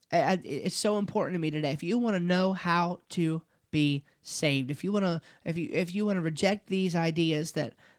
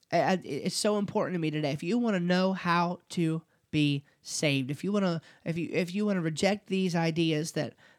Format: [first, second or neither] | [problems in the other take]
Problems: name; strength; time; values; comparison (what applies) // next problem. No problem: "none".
second | garbled, watery; slightly